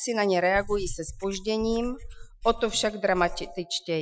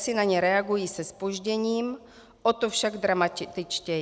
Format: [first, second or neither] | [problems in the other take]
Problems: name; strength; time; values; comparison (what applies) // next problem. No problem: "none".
second | noise reduction (classical method Wiener filter)